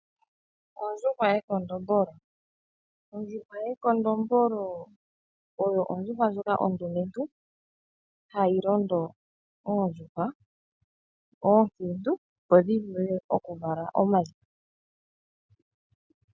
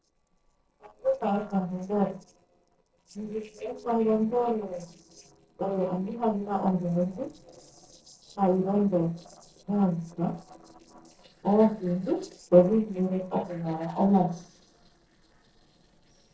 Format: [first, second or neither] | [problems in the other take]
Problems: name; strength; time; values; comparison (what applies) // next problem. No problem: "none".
first | noise reduction (neural separator model SepFormer DNS4)